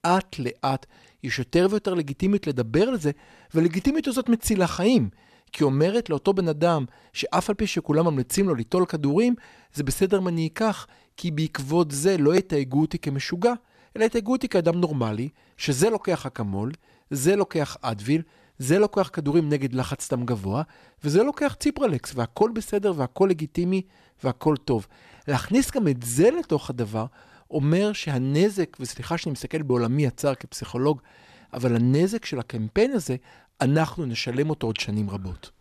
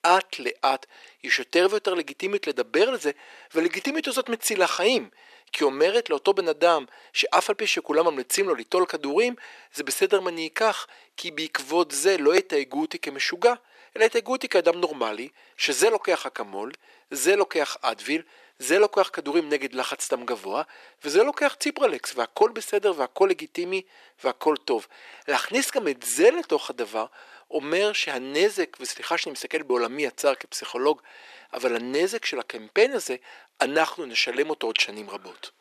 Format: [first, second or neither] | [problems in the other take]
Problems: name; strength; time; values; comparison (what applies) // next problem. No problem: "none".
first | thin; very; fading below 350 Hz